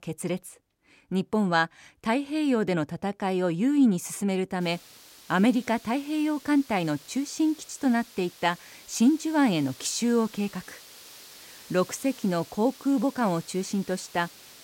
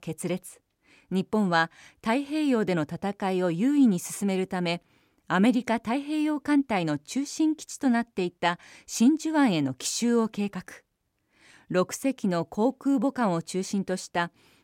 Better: second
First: hiss; faint; from 4.5 s on; 20 dB below the speech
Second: none

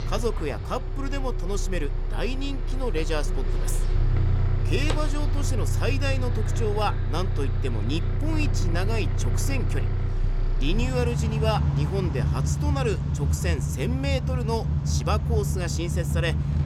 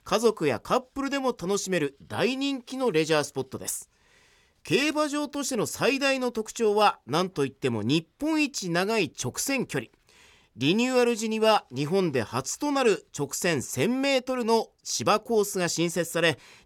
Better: second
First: traffic noise; very loud; throughout; 4 dB above the speech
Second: none

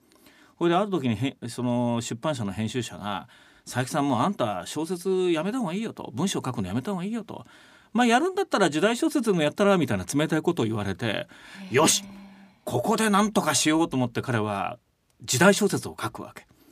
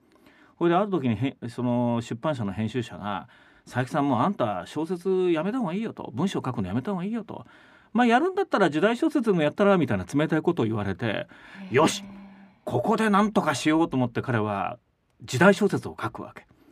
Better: first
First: none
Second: muffled; slightly; fading above 3.5 kHz

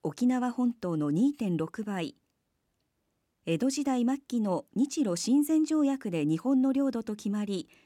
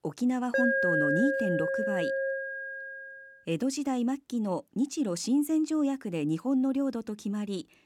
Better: first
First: none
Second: alarm; loud; from 0.5 to 3 s; peak 5 dB above the speech

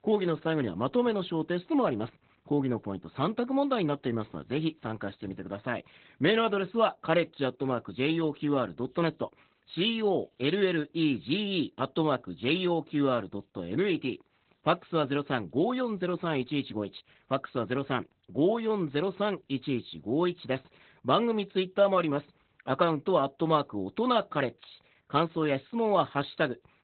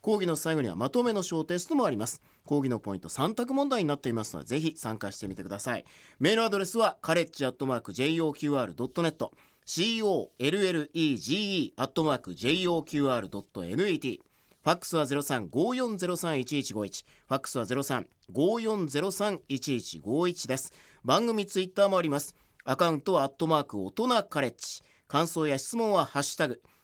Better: second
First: garbled, watery; badly; nothing above 4 kHz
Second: garbled, watery; slightly

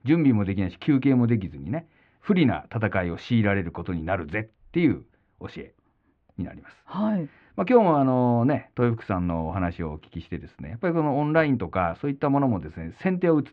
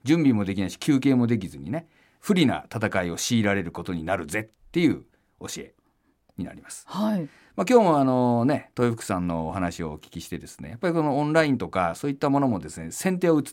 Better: second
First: muffled; very; fading above 3 kHz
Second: none

